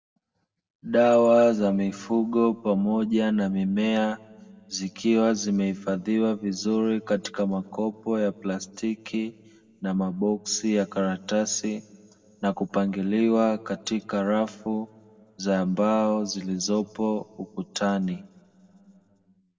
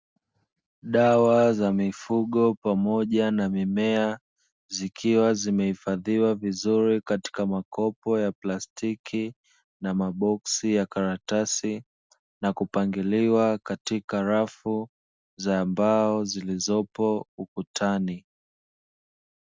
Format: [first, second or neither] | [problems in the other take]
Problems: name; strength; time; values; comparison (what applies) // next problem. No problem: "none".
second | room echo; dies away in 1.2 s